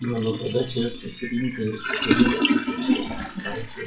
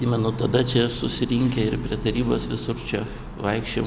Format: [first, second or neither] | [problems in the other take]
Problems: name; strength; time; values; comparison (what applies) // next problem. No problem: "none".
second | noise reduction (classical method WPE with log-MMSE)